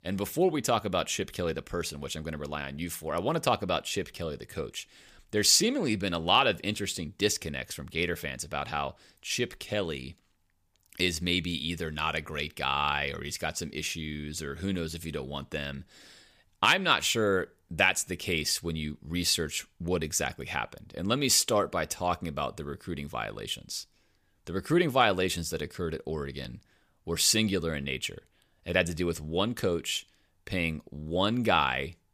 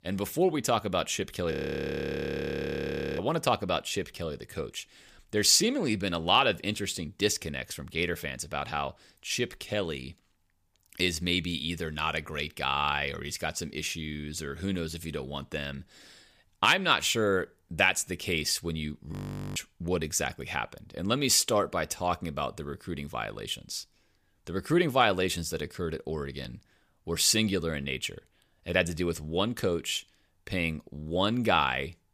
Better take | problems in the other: first | audio freezing; at 1.5 s for 1.5 s and at 19 s

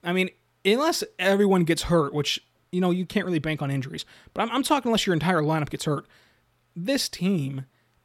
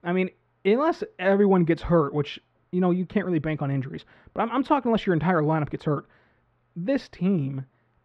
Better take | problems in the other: first | muffled; very; fading above 1.5 kHz

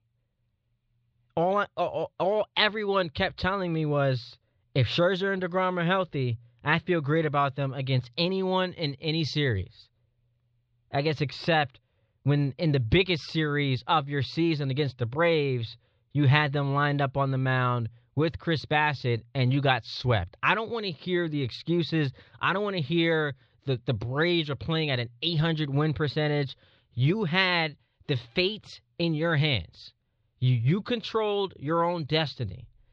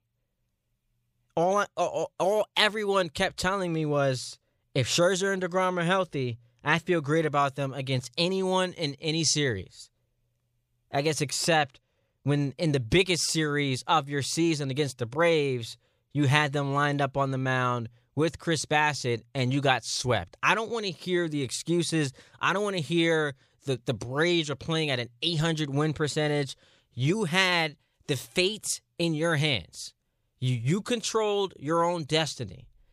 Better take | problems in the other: second | muffled; very slightly; fading above 4 kHz

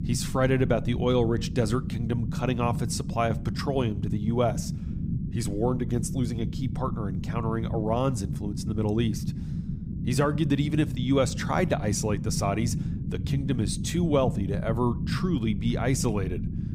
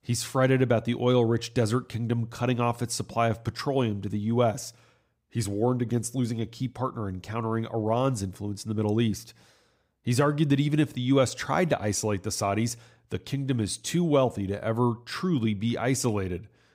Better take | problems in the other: second | low rumble; noticeable; throughout; 10 dB below the speech

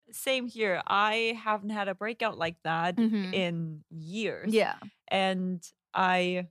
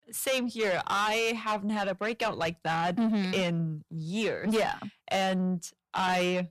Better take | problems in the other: first | distortion; heavy; 7 dB below the speech

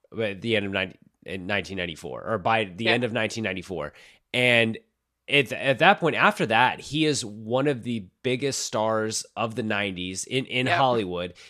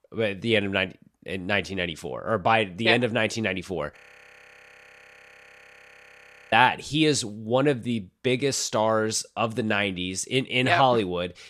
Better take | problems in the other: first | audio freezing; at 4 s for 2.5 s

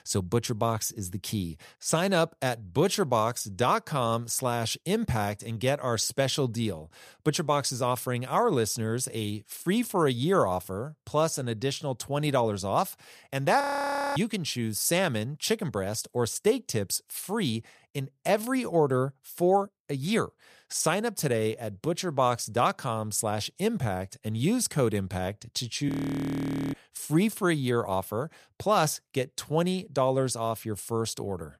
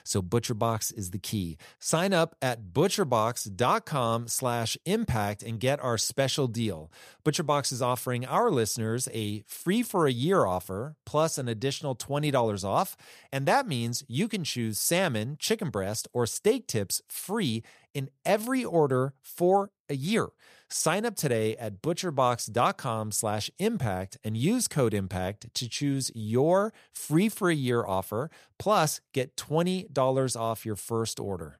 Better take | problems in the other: second | audio freezing; at 14 s for 0.5 s and at 26 s for 1 s

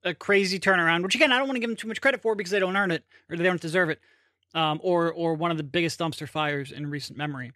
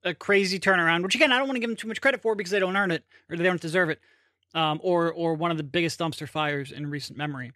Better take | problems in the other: neither | none

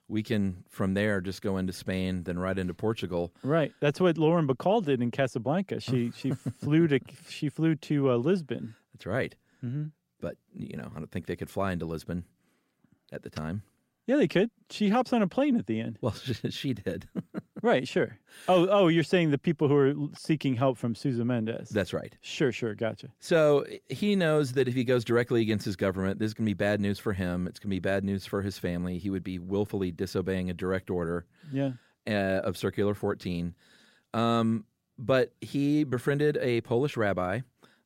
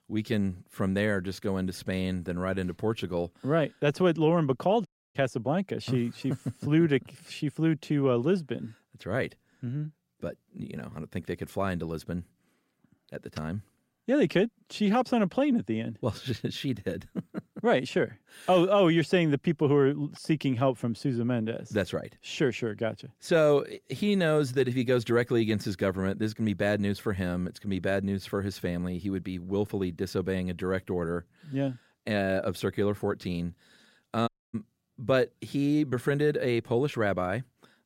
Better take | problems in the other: first | audio cutting out; at 5 s and at 34 s

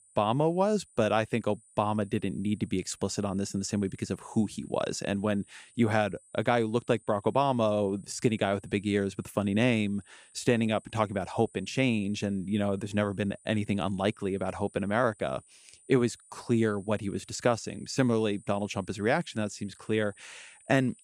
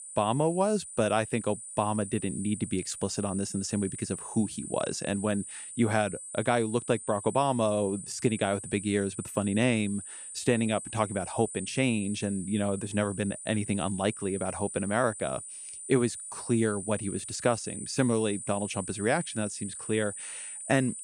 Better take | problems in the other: first | high-pitched whine; loud; throughout; 9 kHz, 9 dB below the speech; faint in the first

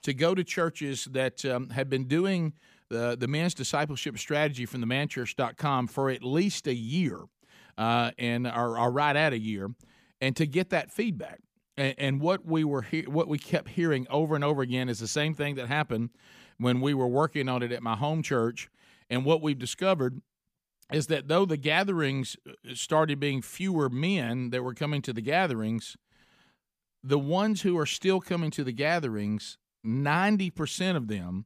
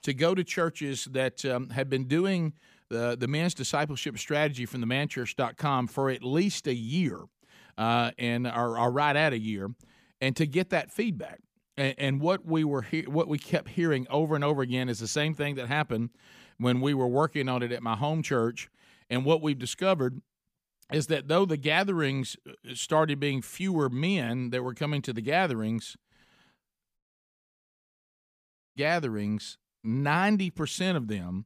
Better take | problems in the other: first | audio cutting out; at 27 s for 2 s

